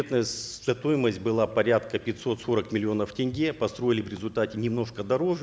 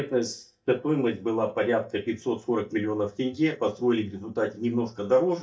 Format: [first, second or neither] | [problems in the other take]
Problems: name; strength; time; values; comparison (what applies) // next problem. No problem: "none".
first | noise reduction (neural mask model DeepFilterNet 3)